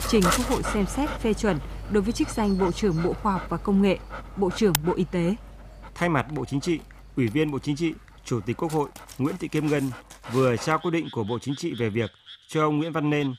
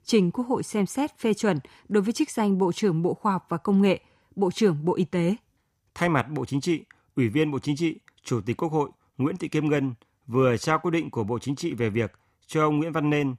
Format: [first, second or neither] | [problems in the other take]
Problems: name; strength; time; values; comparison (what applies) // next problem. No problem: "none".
second | animal sounds; loud; throughout; 9 dB below the speech